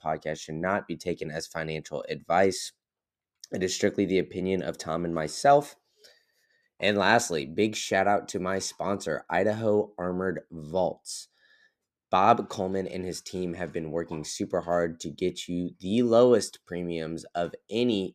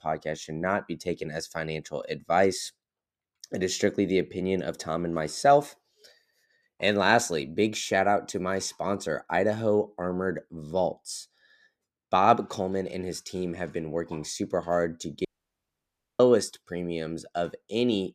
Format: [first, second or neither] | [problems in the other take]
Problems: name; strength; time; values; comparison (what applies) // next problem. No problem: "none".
first | audio cutting out; at 15 s for 1 s